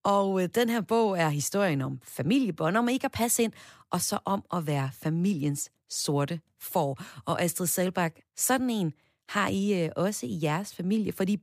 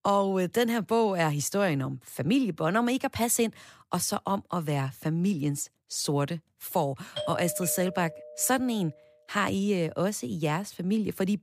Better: first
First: none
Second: doorbell; noticeable; from 7 to 8.5 s; peak 7 dB below the speech

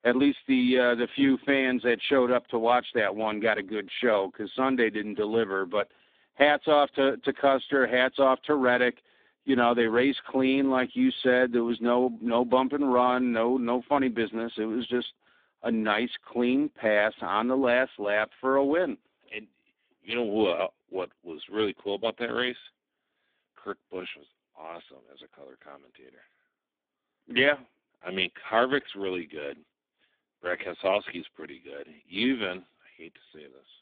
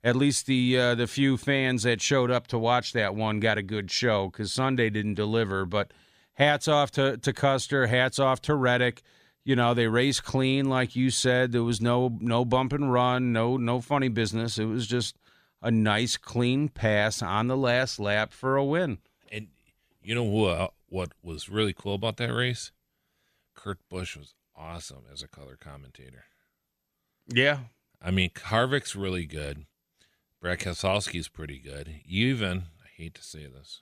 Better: second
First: phone-call audio; poor line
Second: none

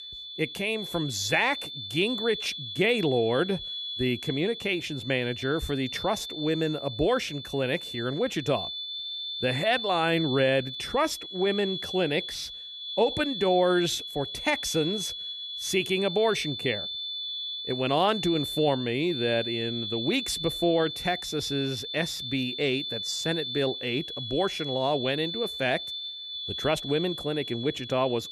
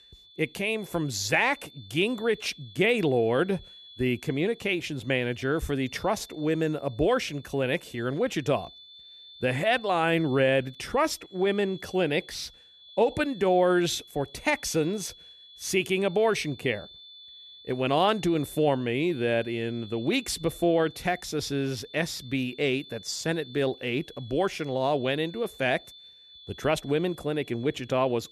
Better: second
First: high-pitched whine; loud; throughout; 3.5 kHz, 6 dB below the speech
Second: high-pitched whine; faint; throughout; 3.5 kHz, 20 dB below the speech

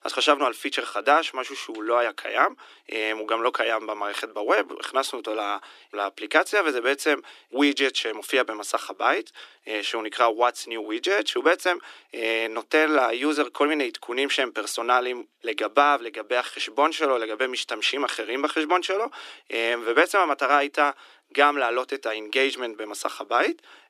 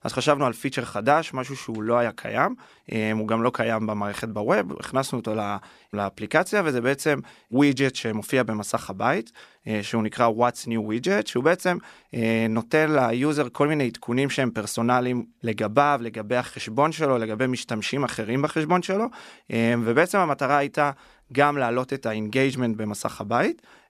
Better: second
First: thin; somewhat; fading below 300 Hz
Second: none

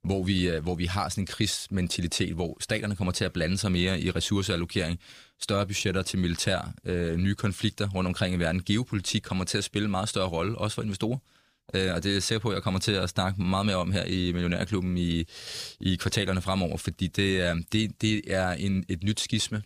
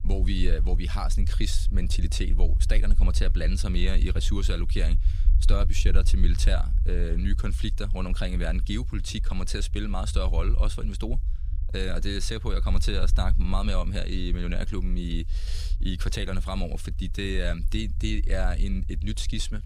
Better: first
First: none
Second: low rumble; noticeable; throughout; 15 dB below the speech

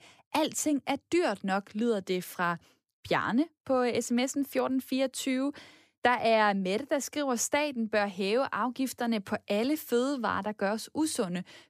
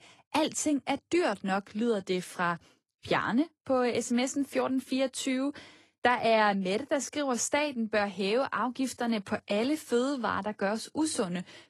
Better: first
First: none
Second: garbled, watery; slightly; nothing above 11.5 kHz

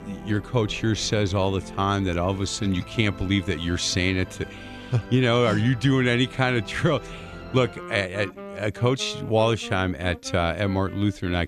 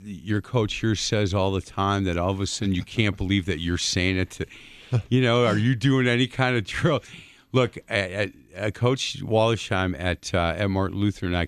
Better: second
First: background music; noticeable; throughout; 15 dB below the speech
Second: none

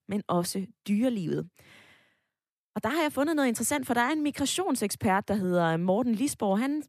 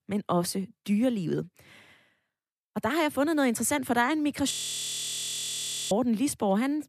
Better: first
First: none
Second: audio freezing; at 4.5 s for 1.5 s

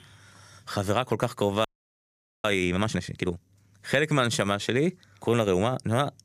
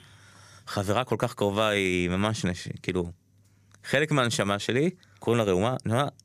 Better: second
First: audio freezing; at 1.5 s for 1 s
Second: none

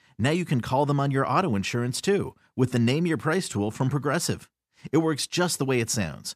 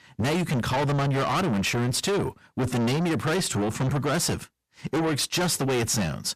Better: first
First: none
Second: distortion; heavy; 5 dB below the speech

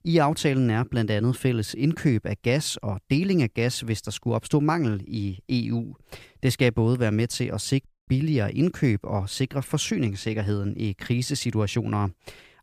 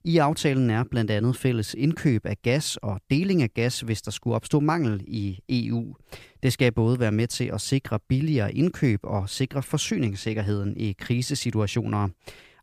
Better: second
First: audio cutting out; at 8 s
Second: none

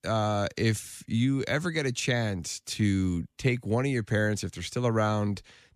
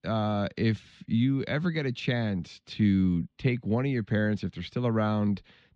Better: first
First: none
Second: muffled; slightly; fading above 4 kHz

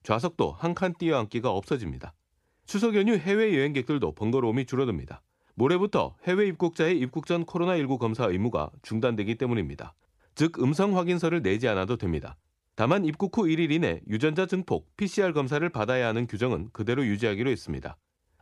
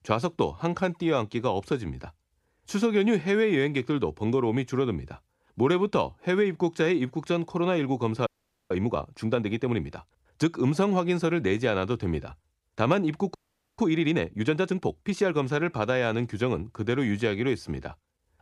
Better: first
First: none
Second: audio freezing; at 8.5 s and at 13 s

